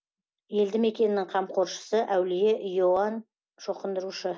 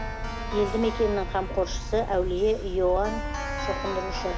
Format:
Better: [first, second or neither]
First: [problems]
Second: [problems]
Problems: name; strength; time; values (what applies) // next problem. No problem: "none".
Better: first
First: none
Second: background sound (Keyboard (musical)); 4 dB below the speech